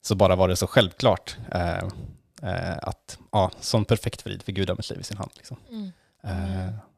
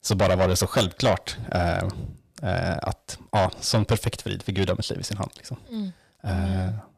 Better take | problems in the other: first | distortion; heavy; 7 dB below the speech

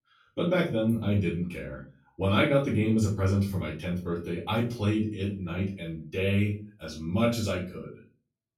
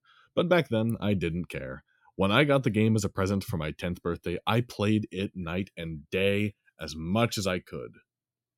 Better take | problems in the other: second | off-mic speech; far // room echo; slight; dies away in 0.3 s

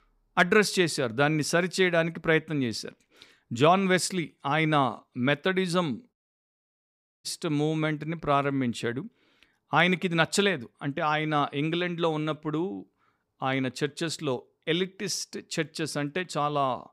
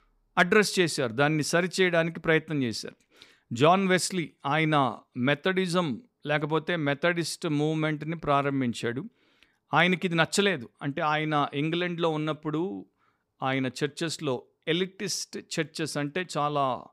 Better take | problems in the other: second | audio cutting out; at 6 s for 1 s

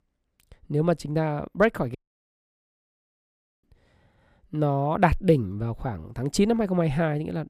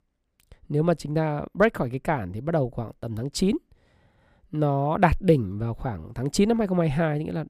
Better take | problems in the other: second | audio cutting out; at 2 s for 1.5 s

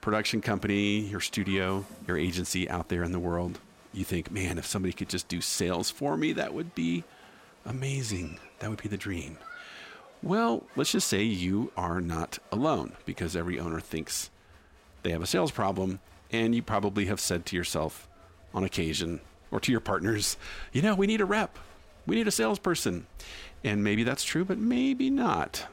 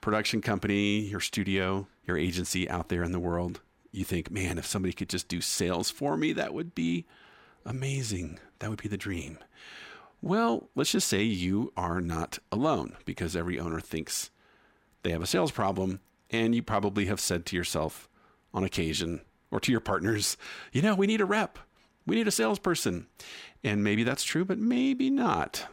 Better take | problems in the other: second | crowd noise; faint; throughout; 25 dB below the speech

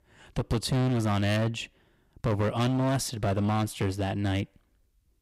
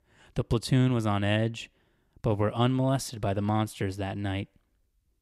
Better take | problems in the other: second | distortion; heavy; 15% of the sound clipped

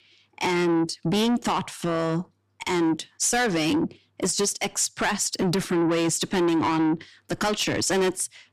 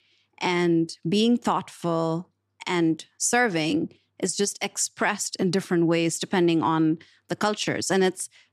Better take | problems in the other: second | distortion; heavy; 7 dB below the speech

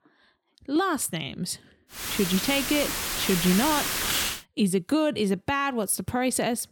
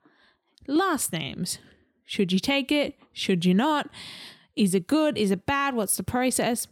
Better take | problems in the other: second | hiss; loud; from 2 to 4.5 s; 1 dB below the speech

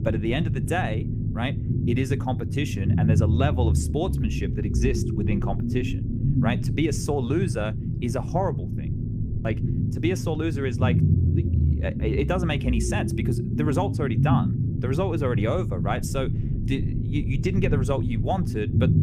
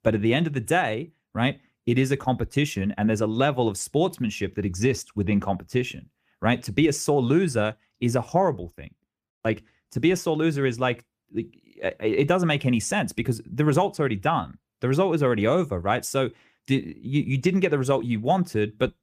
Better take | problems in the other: second | low rumble; loud; throughout; 6 dB below the speech

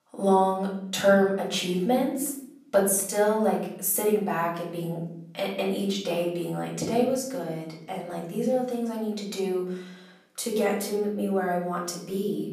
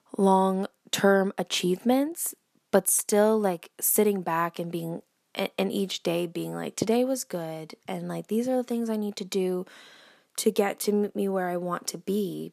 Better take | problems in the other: second | off-mic speech; far // room echo; noticeable; dies away in 0.6 s

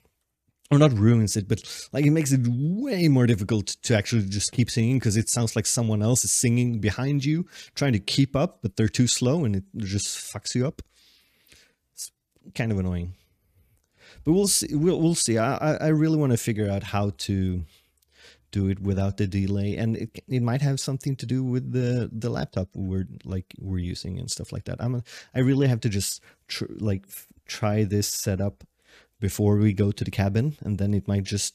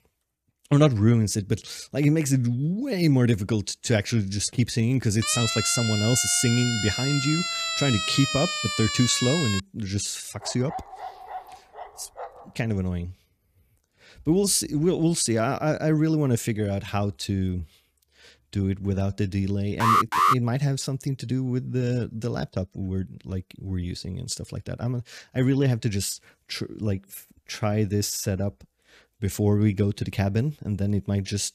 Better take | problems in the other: first | siren; noticeable; from 5 to 9.5 s; peak level with the speech // dog barking; faint; from 10 to 12 s; peak 10 dB below the speech // alarm; loud; at 20 s; peak 6 dB above the speech

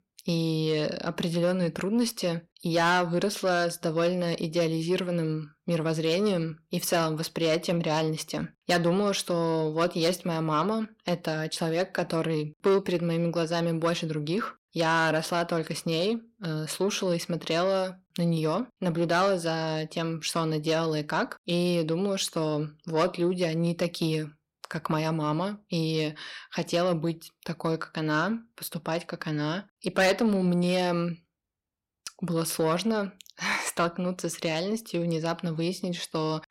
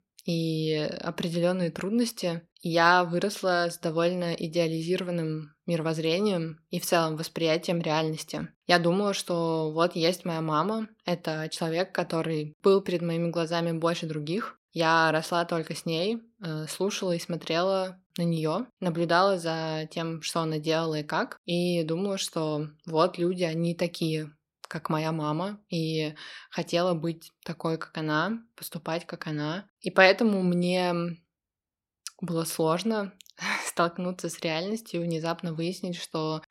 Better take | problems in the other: second | distortion; slight; 10 dB below the speech

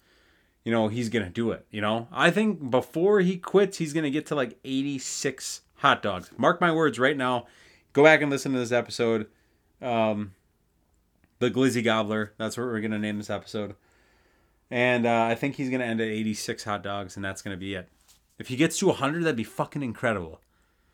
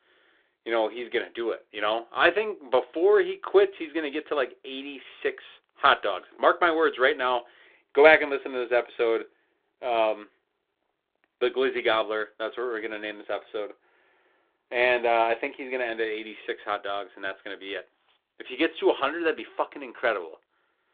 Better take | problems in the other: first | phone-call audio

